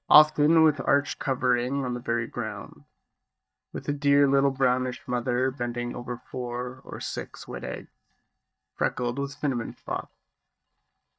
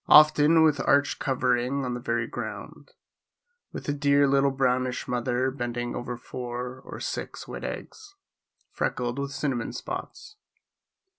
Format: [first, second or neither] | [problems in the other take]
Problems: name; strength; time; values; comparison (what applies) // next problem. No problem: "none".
second | noise reduction (neural mask model DeepFilterNet 3)